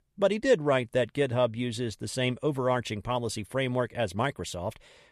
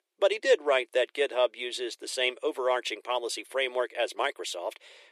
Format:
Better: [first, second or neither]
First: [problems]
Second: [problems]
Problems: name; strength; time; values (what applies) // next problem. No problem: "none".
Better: first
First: none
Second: thin; very; fading below 350 Hz